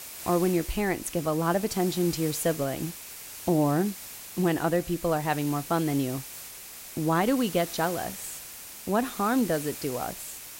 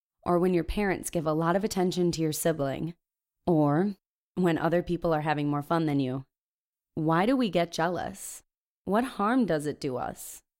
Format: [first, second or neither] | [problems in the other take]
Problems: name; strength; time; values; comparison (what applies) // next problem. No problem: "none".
second | hiss; noticeable; throughout; 10 dB below the speech